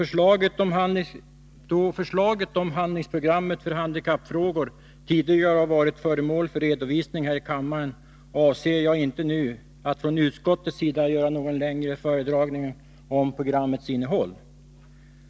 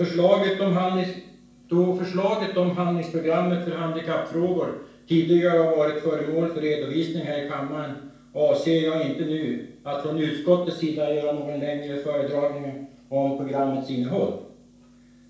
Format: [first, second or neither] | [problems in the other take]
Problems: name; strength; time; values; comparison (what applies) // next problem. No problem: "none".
first | room echo; dies away in 0.7 s